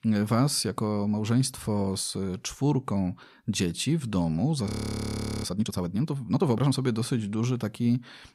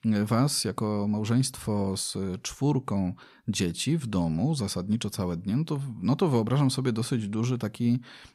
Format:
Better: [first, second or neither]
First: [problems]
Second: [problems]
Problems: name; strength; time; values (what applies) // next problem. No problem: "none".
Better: second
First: audio freezing; at 4.5 s for 1 s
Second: none